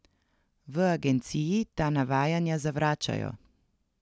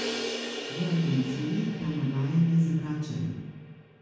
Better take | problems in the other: first | background sound (Crash cymbal); 9 dB below the speech // room echo; dies away in 1.1 s

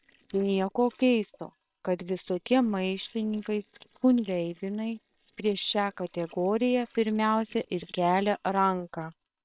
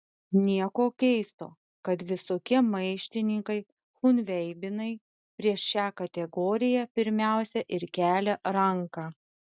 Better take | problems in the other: second | noise reduction (neural separator model SepFormer WHAM!)

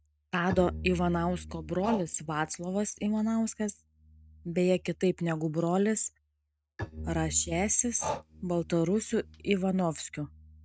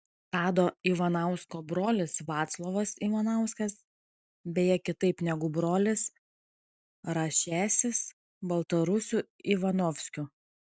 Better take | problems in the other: second | noise reduction (neural mask model RNNoise)

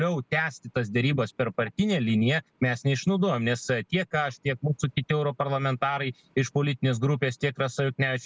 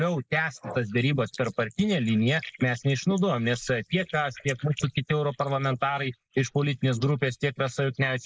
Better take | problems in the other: first | noise reduction (neural mask model Resemble Enhance denoiser)

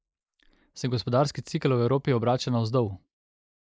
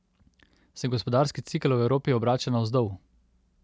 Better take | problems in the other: second | noise reduction (neural mask model Resemble Enhance denoiser)

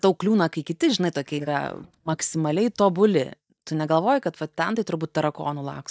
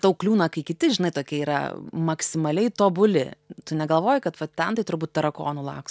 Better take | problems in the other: second | noise reduction (neural mask model DeepFilterNet 3)

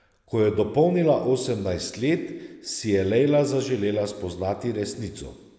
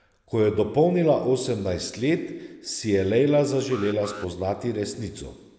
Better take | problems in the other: first | background sound (Alarm); 20 dB below the speech

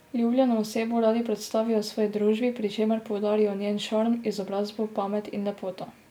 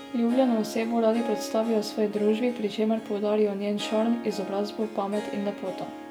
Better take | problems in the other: first | background sound (Harp); 12 dB below the speech

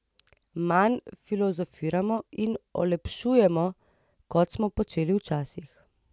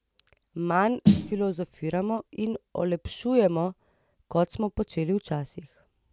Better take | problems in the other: first | background sound (Snare drum); as loud as the speech

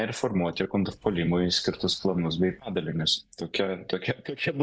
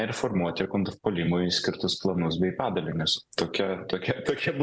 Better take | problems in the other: second | noise reduction (neural mask model DeepFilterNet 3)

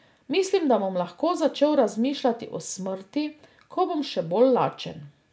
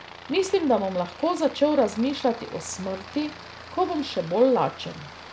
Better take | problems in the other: first | background sound (Aircraft); 17 dB below the speech

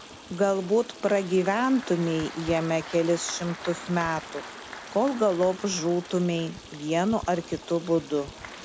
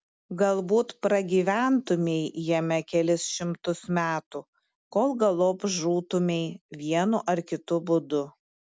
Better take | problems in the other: second | background sound (Applause + Stream); 15 dB below the speech

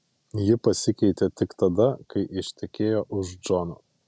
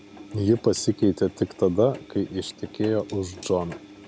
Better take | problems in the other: first | background sound (Engine); 19 dB below the speech

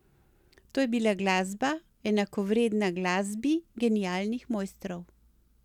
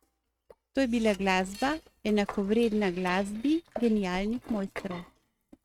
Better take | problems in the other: first | noise reduction (neural mask model RNNoise)

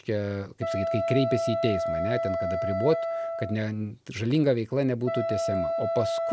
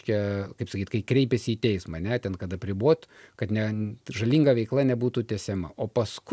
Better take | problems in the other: second | background sound (Wind instrument, woodwind instrument); 2 dB below the speech

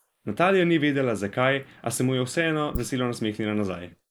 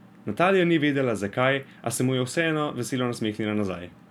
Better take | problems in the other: second | noise reduction (neural mask model Resemble Enhance denoiser)

